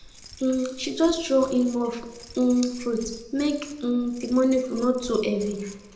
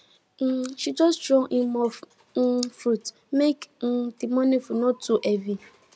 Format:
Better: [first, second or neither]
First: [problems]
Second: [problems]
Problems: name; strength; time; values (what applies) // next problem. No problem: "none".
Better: second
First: background sound (Keys jangling); 20 dB below the speech // room echo; dies away in 0.8 s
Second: none